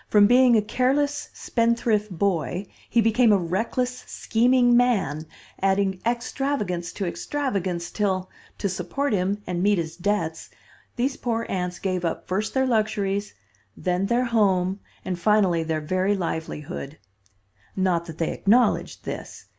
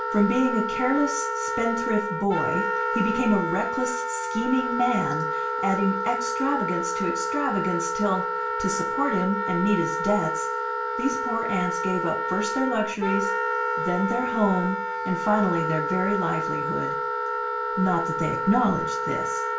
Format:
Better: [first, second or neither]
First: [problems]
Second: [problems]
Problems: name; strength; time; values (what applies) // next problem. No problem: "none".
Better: first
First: none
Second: background sound (Wind instrument, woodwind instrument); 1 dB below the speech // room echo; dies away in 0.4 s